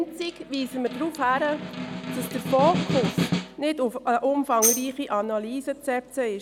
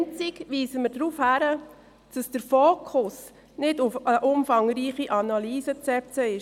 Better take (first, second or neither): second